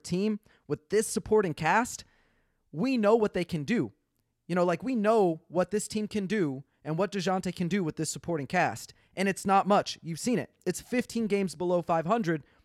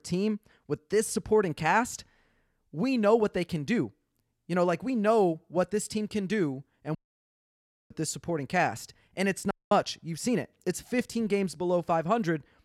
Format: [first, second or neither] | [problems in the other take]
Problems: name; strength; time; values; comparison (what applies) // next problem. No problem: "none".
first | audio cutting out; at 7 s for 1 s and at 9.5 s